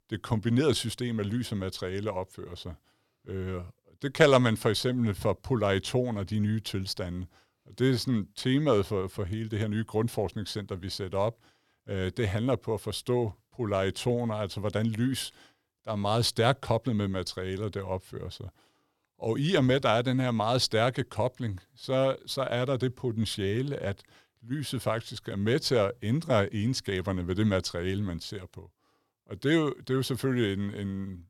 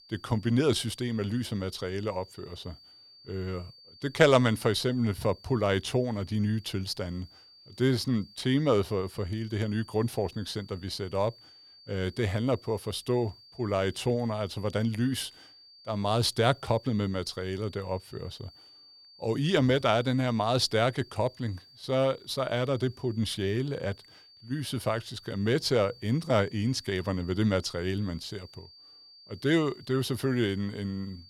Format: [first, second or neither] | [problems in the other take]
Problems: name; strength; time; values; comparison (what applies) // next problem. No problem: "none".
first | high-pitched whine; faint; throughout; 4.5 kHz, 25 dB below the speech